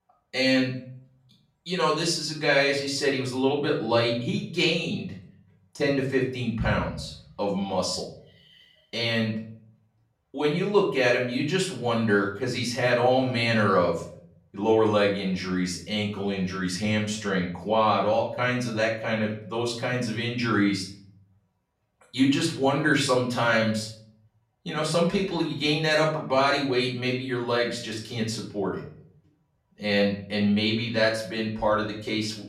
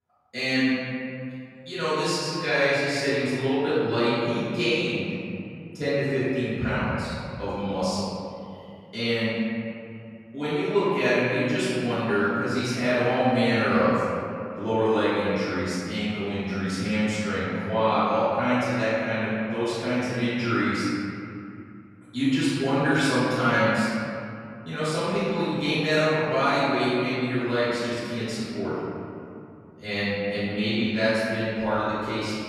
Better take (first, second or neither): first